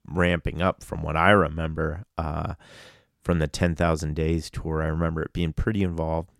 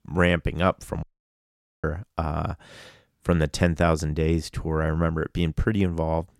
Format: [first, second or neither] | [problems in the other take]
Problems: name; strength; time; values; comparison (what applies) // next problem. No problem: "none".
first | audio cutting out; at 1 s for 1 s